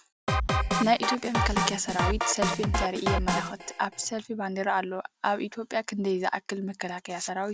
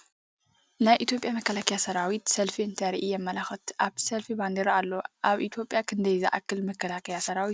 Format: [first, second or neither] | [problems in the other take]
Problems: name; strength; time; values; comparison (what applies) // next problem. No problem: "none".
second | background sound (Drum kit); 2 dB above the speech